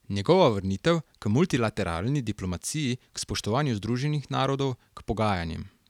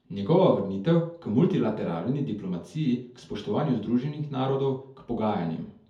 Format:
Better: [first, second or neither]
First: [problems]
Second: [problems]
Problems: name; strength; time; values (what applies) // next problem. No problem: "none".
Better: first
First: none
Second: room echo; dies away in 0.5 s